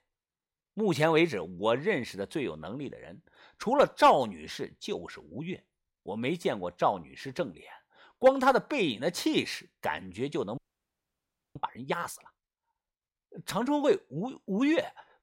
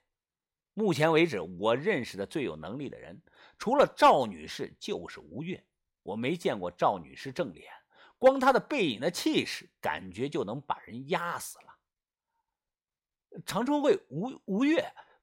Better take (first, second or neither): second